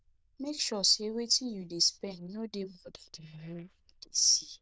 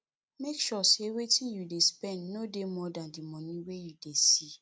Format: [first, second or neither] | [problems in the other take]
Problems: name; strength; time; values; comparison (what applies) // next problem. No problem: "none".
second | noise reduction (neural diffusion model UNIVERSE++)